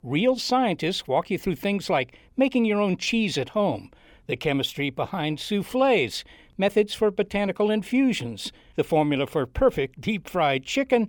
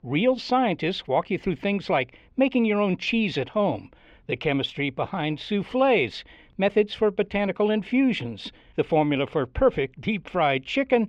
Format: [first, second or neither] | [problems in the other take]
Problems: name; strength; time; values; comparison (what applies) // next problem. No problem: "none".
first | muffled; very slightly; fading above 3 kHz